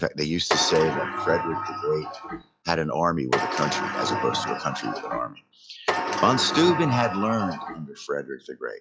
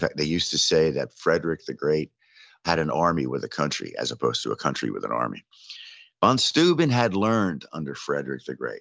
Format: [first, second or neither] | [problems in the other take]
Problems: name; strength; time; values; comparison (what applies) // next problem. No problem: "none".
second | noise reduction (classical method log-MMSE)